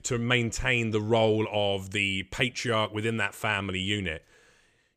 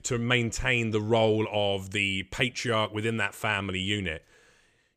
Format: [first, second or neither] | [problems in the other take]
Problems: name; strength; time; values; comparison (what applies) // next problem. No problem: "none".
neither | none